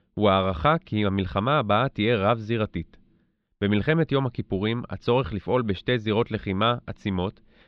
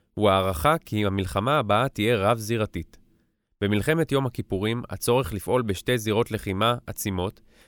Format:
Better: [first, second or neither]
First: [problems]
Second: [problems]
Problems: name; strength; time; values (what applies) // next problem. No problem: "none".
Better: second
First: muffled; slightly; fading above 4 kHz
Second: none